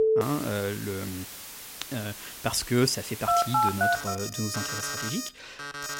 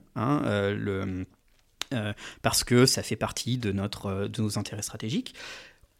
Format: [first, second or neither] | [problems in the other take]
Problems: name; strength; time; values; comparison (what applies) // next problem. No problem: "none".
second | alarms or sirens; very loud; throughout; as loud as the speech